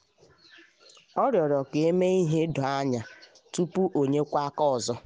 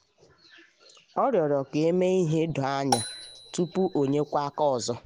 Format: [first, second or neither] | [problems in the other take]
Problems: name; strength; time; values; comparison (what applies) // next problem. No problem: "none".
first | background sound (Marimba, xylophone); 9 dB below the speech